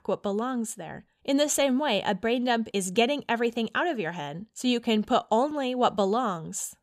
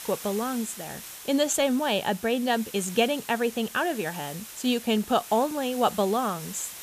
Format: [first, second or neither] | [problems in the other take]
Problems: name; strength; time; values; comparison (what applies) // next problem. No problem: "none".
first | hiss; noticeable; throughout; 15 dB below the speech